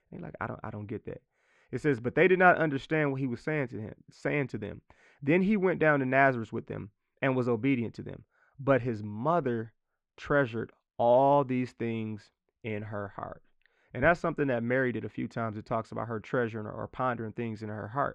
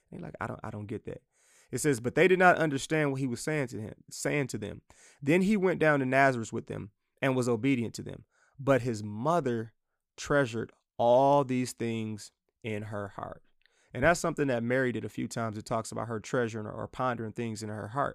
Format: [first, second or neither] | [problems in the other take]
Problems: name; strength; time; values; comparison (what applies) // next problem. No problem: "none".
second | muffled; very; fading above 2.5 kHz